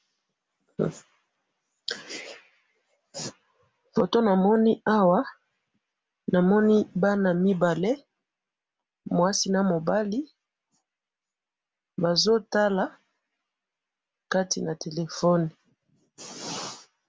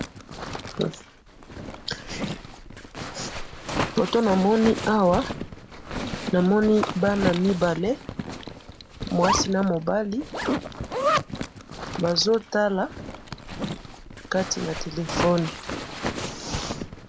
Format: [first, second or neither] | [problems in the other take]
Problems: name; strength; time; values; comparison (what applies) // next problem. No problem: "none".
first | background sound (Zipper (clothing)); 6 dB below the speech